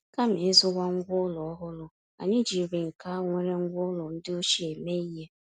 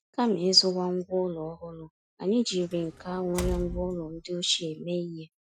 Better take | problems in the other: first | noise reduction (classical method Wiener filter)

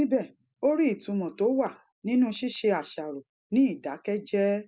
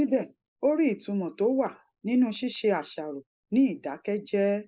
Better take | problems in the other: first | noise reduction (neural mask model Resemble Enhance denoiser)

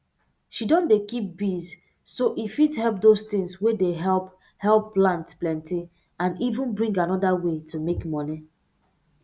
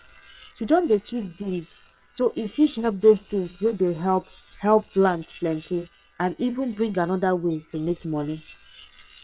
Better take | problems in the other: first | noise reduction (neural separator model SepFormer WHAM!)

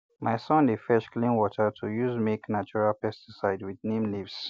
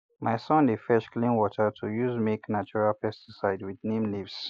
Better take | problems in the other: first | noise reduction (neural mask model Resemble Enhance denoiser)

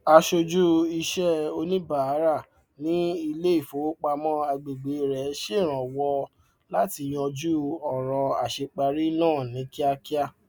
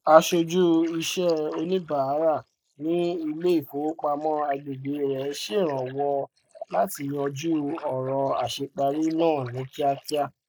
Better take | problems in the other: first | noise reduction (neural mask model Resemble Enhance denoiser)

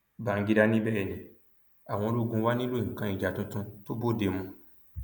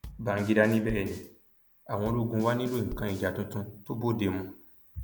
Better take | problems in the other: first | background sound (Bass drum / Snare drum / Drum kit); 14 dB below the speech

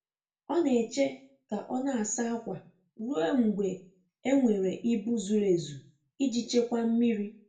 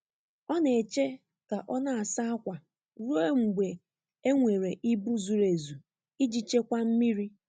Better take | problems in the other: second | room echo; dies away in 0.3 s

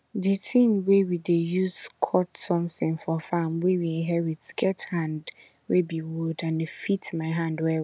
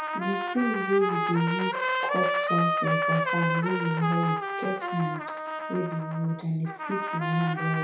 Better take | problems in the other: first | background sound (Trumpet); 1 dB below the speech // room echo; dies away in 0.6 s

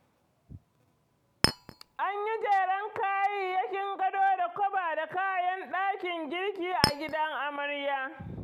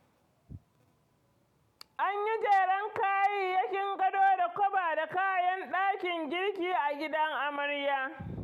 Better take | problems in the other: second | background sound (Chink, clink); as loud as the speech

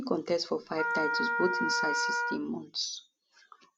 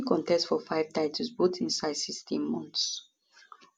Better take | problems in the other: second | background sound (Wind instrument, woodwind instrument); 3 dB above the speech

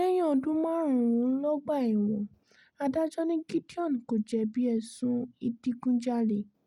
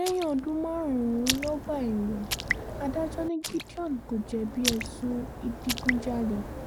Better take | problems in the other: first | background sound (Raindrop); 5 dB below the speech

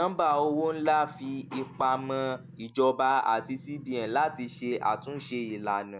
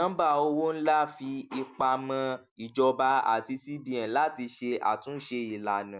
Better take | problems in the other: second | background sound (Engine); 19 dB below the speech

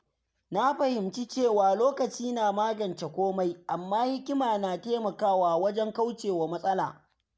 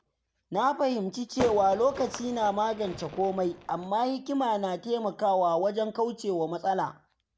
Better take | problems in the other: first | background sound (Fireworks); 12 dB below the speech

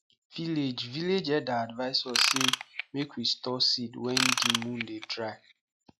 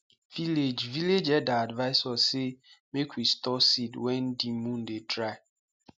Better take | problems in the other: second | noise reduction (classical method log-MMSE)

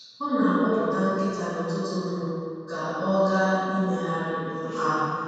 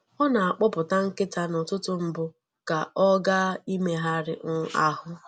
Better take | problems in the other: second | room echo; dies away in 2.1 s

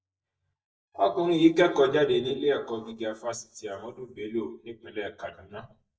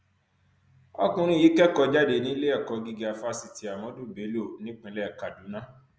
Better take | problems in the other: second | noise reduction (neural mask model DeepFilterNet 3)

